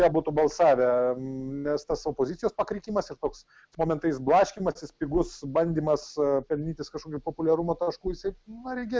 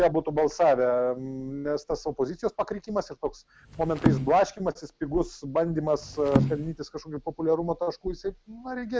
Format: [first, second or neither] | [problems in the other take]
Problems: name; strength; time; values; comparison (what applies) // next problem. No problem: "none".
first | background sound (Percussion); 2 dB below the speech